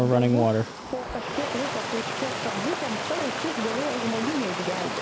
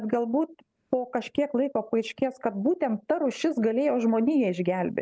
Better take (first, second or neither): second